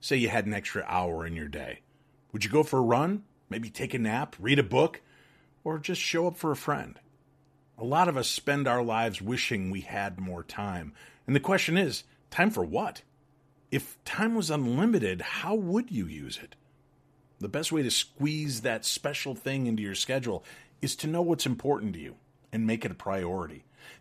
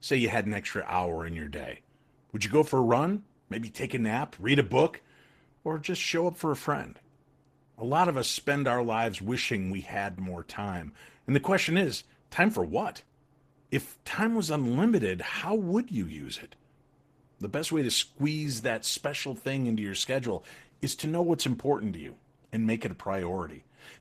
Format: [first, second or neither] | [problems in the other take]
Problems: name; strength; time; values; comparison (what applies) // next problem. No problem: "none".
first | garbled, watery; slightly; nothing above 14.5 kHz